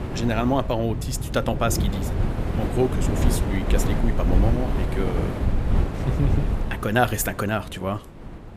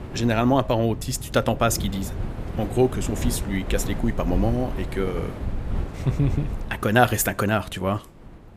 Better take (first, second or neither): second